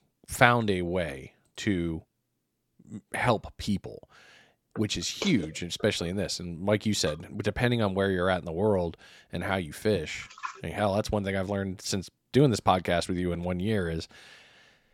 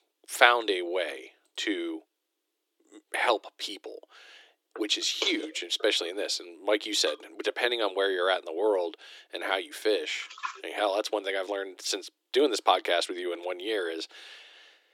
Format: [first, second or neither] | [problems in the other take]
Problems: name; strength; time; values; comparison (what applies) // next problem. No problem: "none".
first | thin; very; fading below 300 Hz